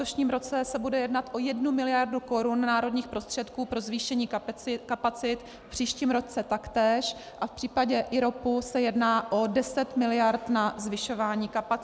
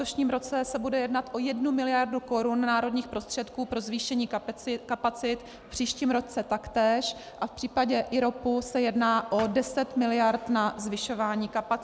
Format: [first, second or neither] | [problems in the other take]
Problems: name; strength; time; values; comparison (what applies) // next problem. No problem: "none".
first | background sound (Thump, thud); 14 dB below the speech